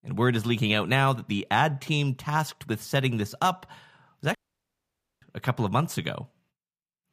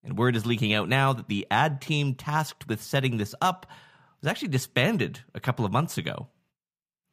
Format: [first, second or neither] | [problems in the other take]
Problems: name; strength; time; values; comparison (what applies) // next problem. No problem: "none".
second | audio cutting out; at 4.5 s for 1 s